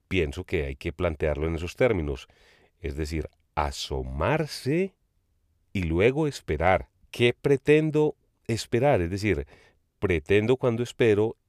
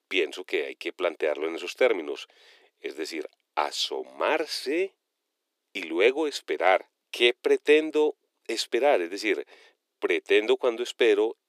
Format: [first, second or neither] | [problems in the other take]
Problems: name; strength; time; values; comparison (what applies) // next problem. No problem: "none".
first | thin; somewhat; fading below 300 Hz